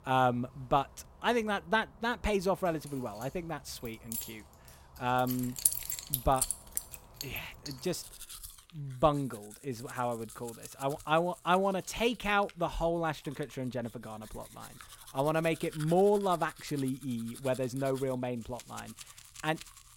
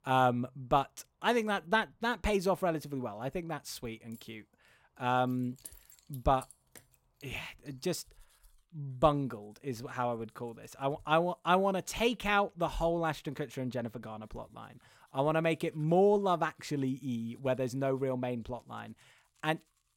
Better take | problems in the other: second | household noises; loud; throughout; 7 dB below the speech; faint in the second

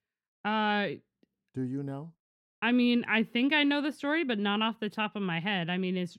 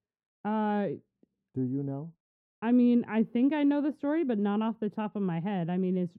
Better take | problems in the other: first | muffled; very; fading above 1.5 kHz

